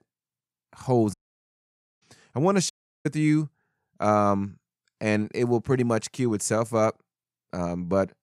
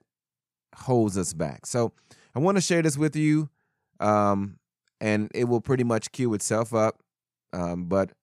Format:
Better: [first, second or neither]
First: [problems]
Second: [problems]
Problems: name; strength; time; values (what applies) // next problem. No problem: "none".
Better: second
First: audio cutting out; at 1 s for 1 s and at 2.5 s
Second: none